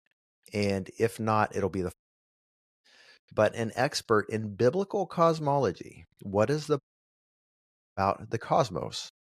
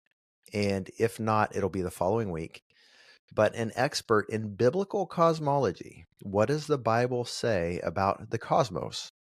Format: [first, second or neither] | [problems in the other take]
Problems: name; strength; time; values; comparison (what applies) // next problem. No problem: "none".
second | audio cutting out; at 2 s for 1 s and at 7 s for 1 s